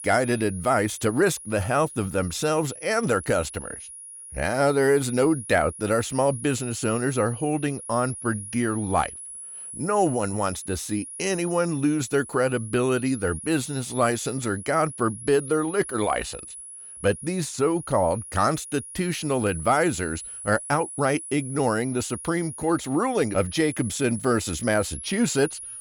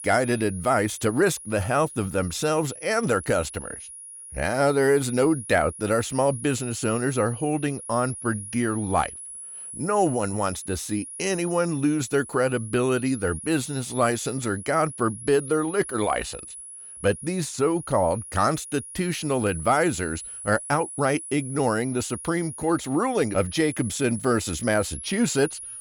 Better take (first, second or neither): neither